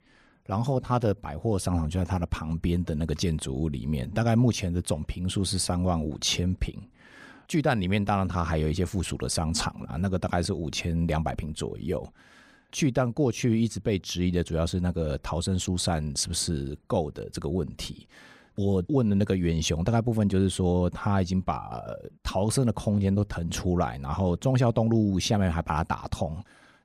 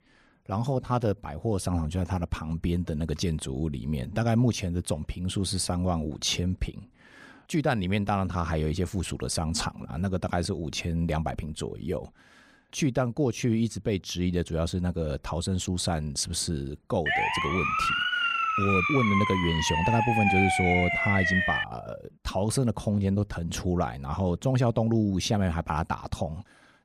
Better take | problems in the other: first | siren; loud; from 17 to 22 s; peak 5 dB above the speech

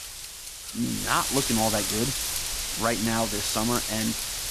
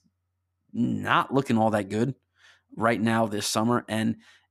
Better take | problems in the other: second | wind noise on the microphone; heavy; as loud as the speech

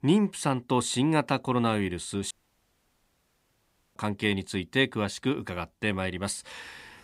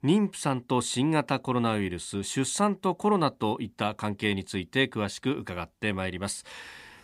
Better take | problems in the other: second | audio cutting out; at 2.5 s for 1.5 s

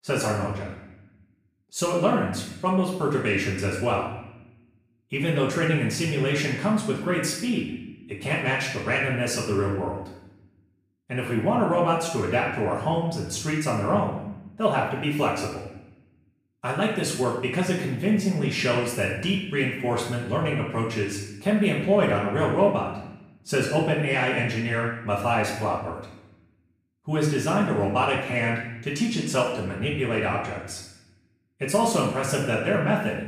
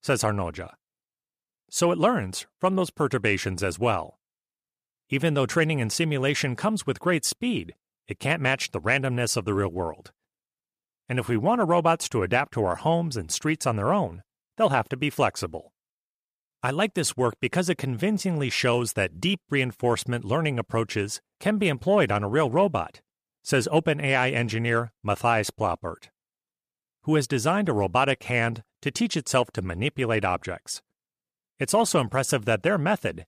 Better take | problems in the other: second | off-mic speech; far // room echo; noticeable; dies away in 0.8 s

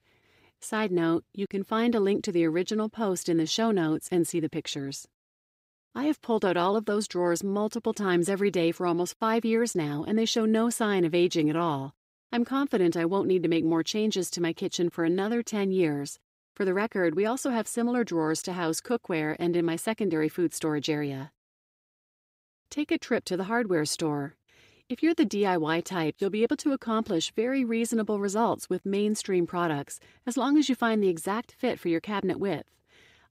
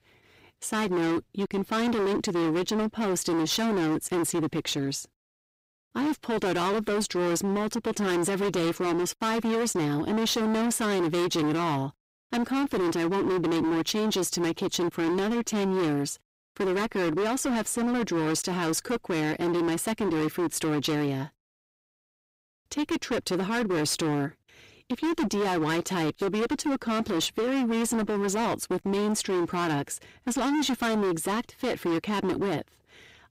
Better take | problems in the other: first | distortion; heavy; 30% of the sound clipped

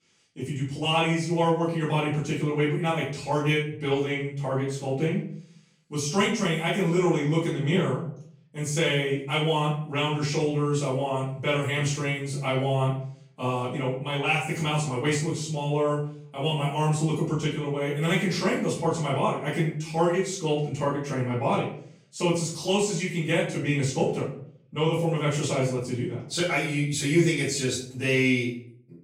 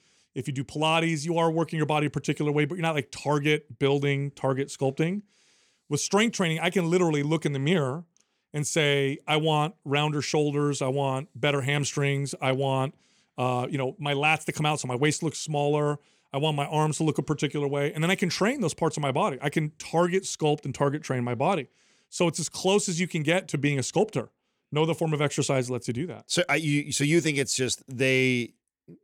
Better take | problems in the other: second | off-mic speech; far // room echo; noticeable; dies away in 0.5 s

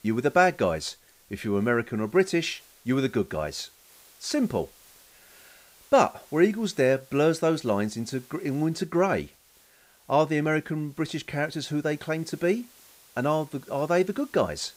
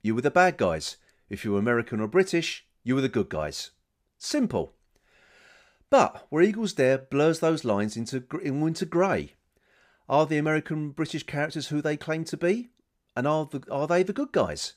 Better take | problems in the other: second | hiss; faint; throughout; 25 dB below the speech

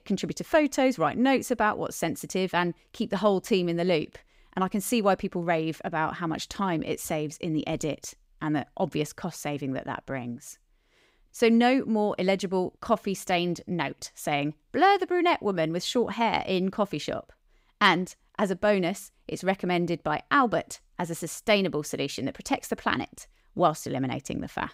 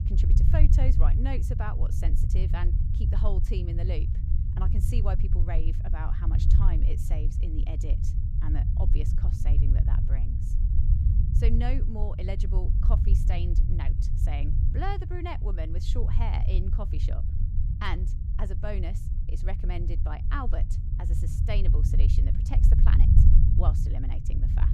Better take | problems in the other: first | low rumble; loud; throughout; 4 dB below the speech

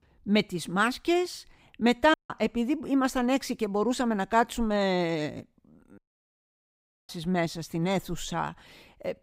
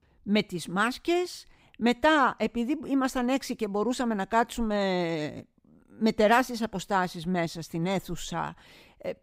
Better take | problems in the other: second | audio cutting out; at 2 s and at 6 s for 1 s

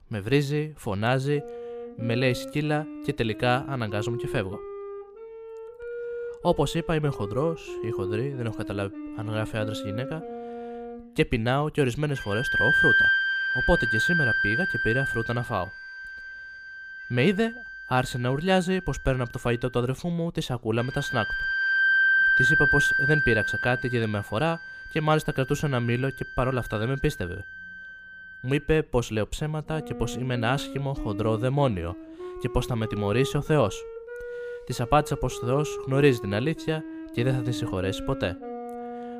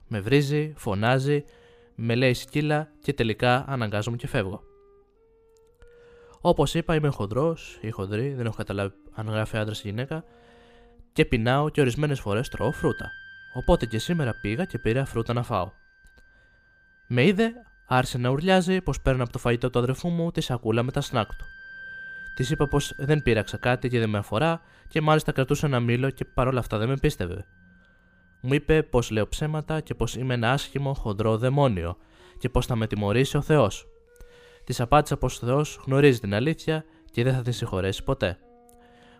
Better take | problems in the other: second | background music; loud; throughout; 1 dB below the speech; faint in the second

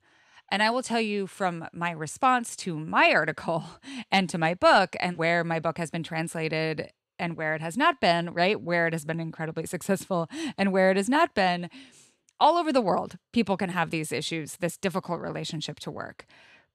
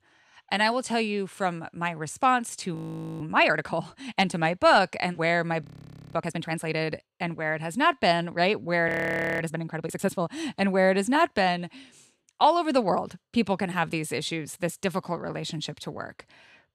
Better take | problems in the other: first | audio freezing; at 3 s, at 5.5 s for 0.5 s and at 9 s for 0.5 s

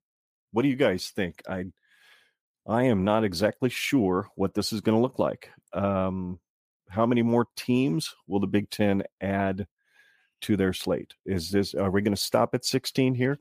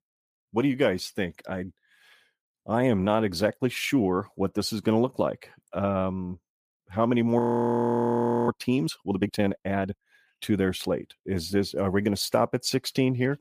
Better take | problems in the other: first | audio freezing; at 7.5 s for 1 s

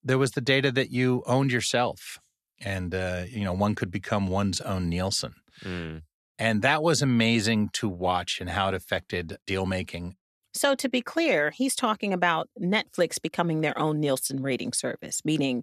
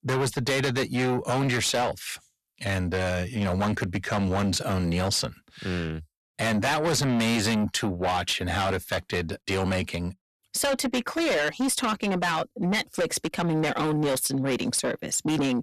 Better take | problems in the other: first | distortion; heavy; 6 dB below the speech

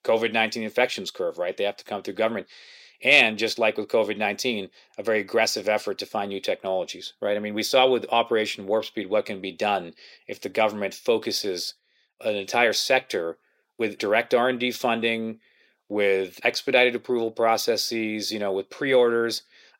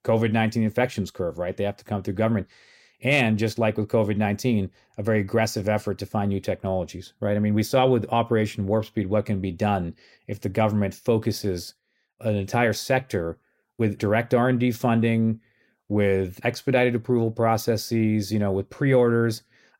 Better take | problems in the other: second | thin; somewhat; fading below 400 Hz

